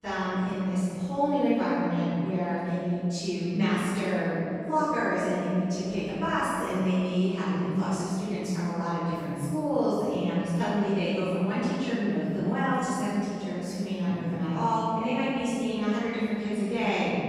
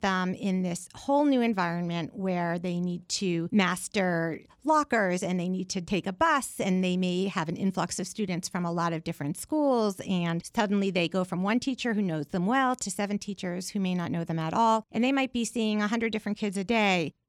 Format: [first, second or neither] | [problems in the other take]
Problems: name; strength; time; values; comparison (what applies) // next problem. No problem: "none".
second | off-mic speech; far // room echo; strong; dies away in 2.8 s